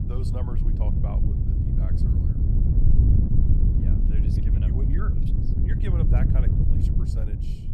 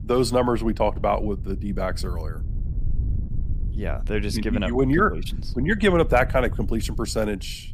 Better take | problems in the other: second | wind noise on the microphone; heavy; 4 dB above the speech; occasional gusts in the second

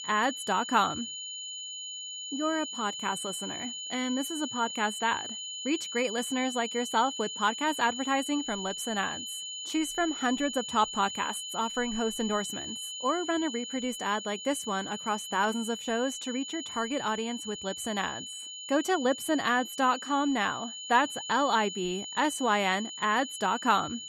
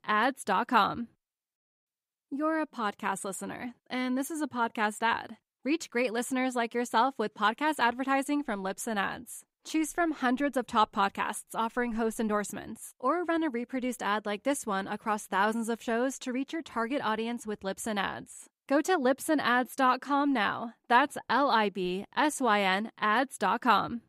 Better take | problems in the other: second | high-pitched whine; loud; throughout; 3 kHz, 7 dB below the speech

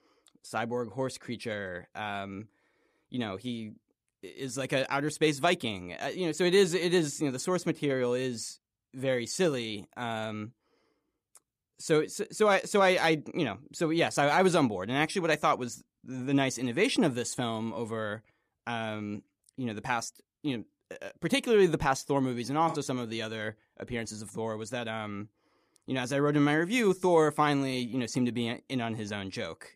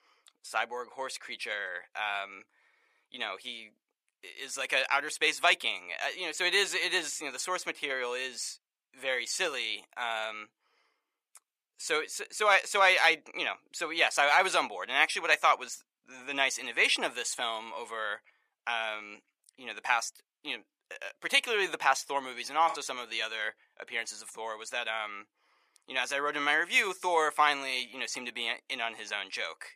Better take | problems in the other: first | thin; very; fading below 850 Hz

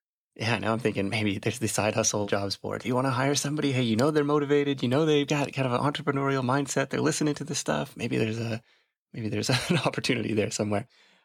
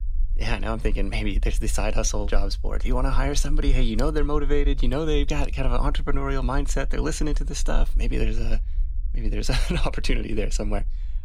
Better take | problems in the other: first | low rumble; faint; throughout; 25 dB below the speech

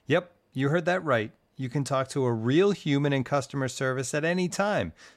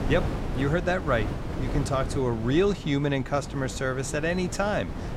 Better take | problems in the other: first | wind noise on the microphone; occasional gusts; 10 dB below the speech

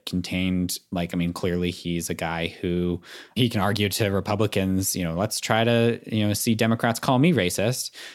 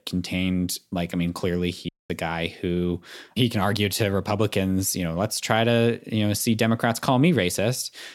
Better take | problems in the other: first | audio cutting out; at 2 s

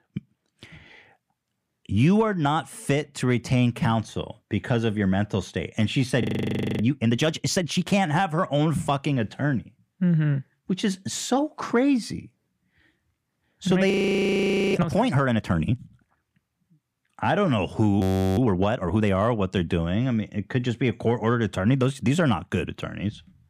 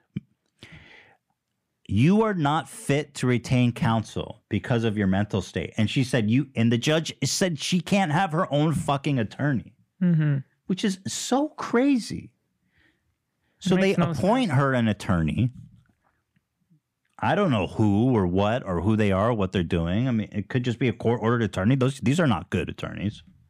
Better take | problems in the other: second | audio freezing; at 6 s for 0.5 s, at 14 s for 1 s and at 18 s

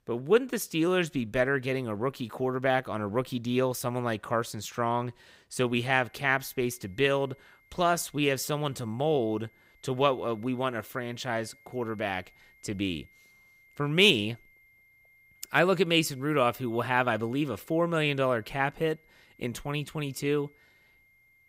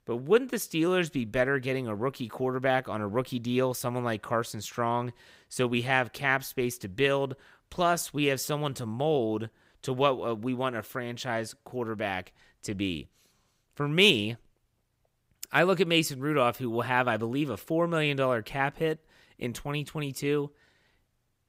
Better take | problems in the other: second | high-pitched whine; faint; from 5.5 s on; 2 kHz, 30 dB below the speech

